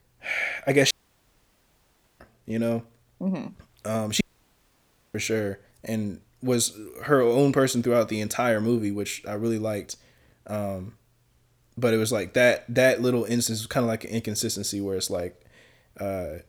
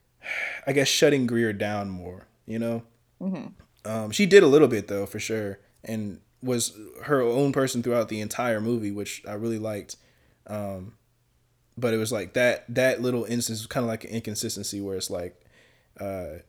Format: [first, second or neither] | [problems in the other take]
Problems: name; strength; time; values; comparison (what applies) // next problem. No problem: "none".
second | audio cutting out; at 1 s for 1.5 s and at 4 s for 1 s